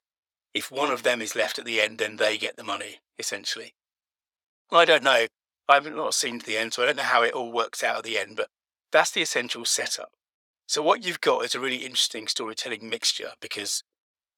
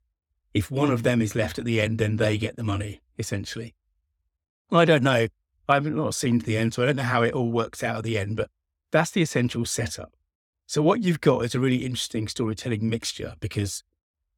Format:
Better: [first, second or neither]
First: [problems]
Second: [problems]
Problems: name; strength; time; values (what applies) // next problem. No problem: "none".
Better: second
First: thin; very; fading below 700 Hz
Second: none